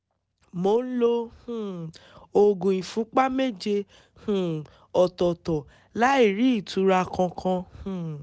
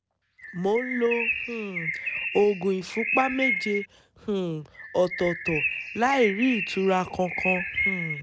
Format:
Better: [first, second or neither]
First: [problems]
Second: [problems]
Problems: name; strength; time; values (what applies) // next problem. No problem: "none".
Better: first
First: none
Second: background sound (Bird); 4 dB below the speech